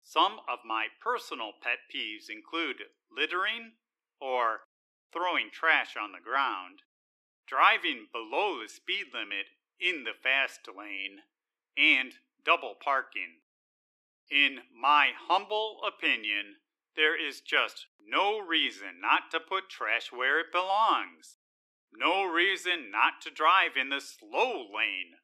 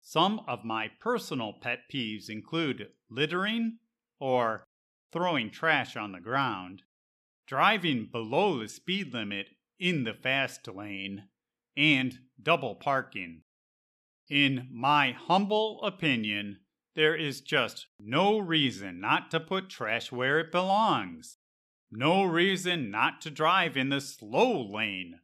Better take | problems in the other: second | thin; very; fading below 300 Hz

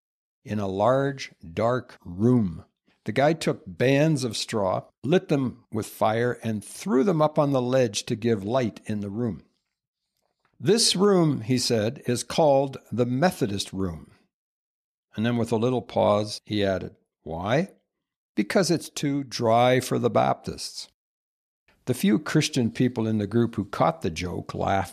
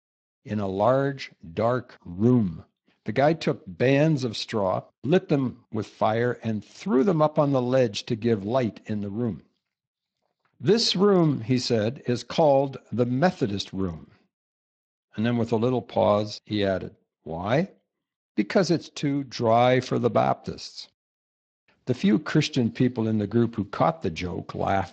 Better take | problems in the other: first | garbled, watery; slightly; nothing above 7.5 kHz

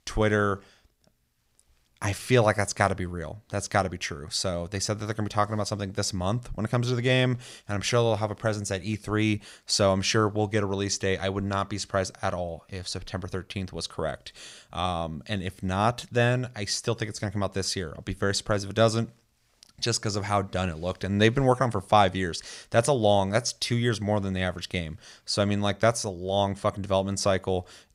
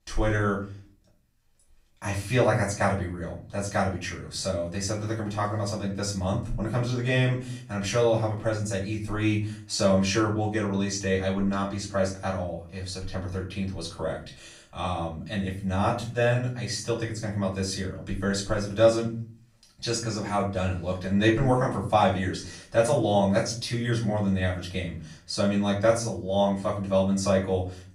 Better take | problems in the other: first | off-mic speech; far // room echo; slight; dies away in 0.4 s

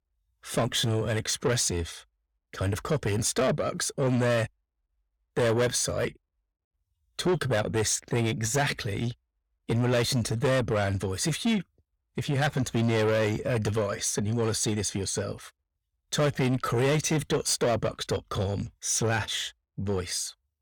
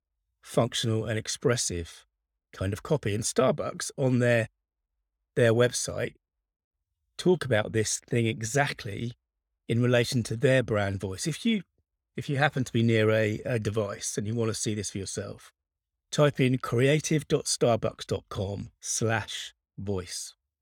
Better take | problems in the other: second | distortion; heavy; 7 dB below the speech

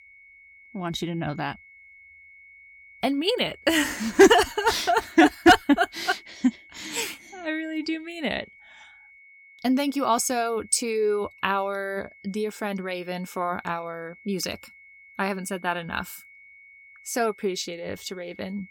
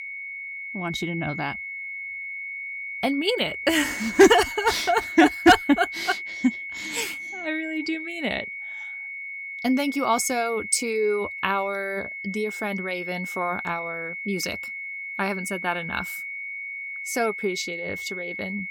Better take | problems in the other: first | high-pitched whine; loud; throughout; 2 kHz, 7 dB below the speech; faint in the first

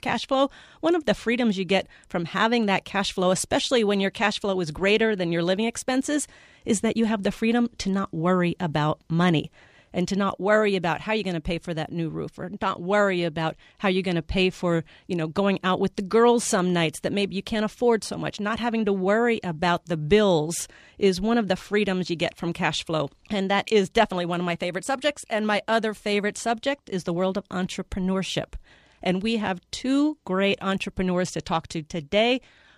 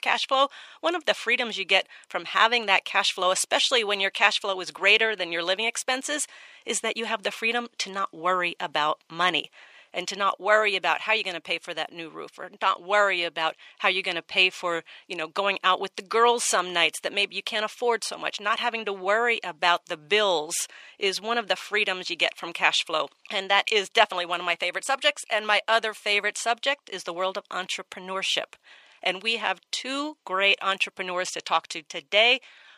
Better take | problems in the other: first | thin; very; fading below 650 Hz

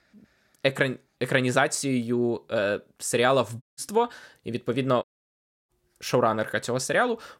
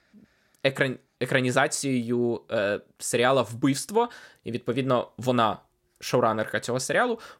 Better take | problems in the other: second | audio cutting out; at 3.5 s and at 5 s for 0.5 s

